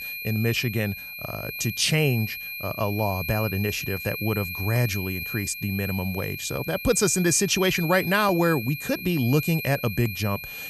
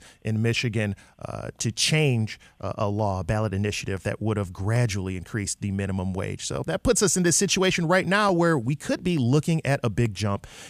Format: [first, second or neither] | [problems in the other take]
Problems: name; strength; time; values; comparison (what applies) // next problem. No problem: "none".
second | high-pitched whine; loud; throughout; 2.5 kHz, 7 dB below the speech